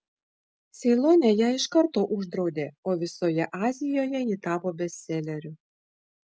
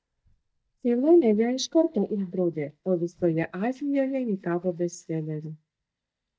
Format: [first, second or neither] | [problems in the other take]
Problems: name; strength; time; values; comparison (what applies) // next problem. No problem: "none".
first | noise reduction (neural mask model DeepFilterNet 3)